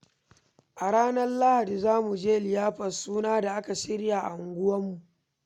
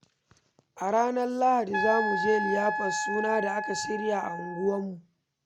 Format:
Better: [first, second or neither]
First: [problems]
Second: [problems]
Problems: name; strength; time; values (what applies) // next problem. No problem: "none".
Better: first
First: none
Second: background sound (Wind instrument, woodwind instrument); 3 dB below the speech